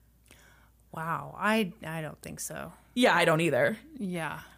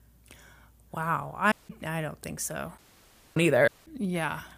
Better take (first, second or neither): first